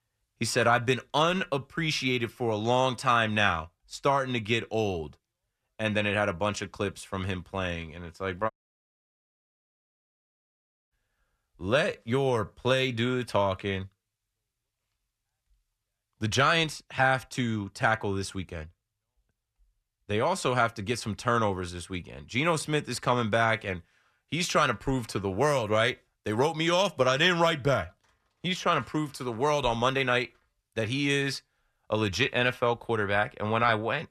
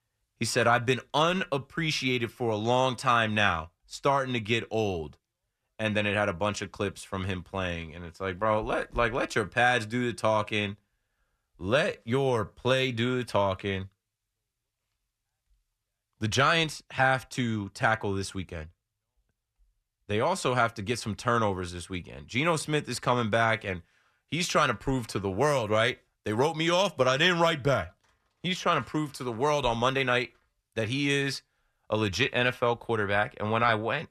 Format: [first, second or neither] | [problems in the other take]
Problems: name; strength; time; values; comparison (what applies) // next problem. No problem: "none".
second | audio cutting out; at 8.5 s for 2.5 s